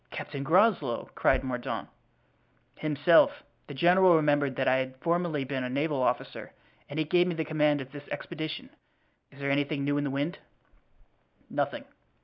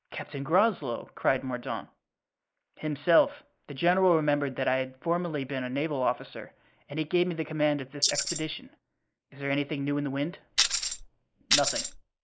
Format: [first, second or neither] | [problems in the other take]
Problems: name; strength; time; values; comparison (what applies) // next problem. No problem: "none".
first | noise reduction (neural mask model Resemble Enhance denoiser)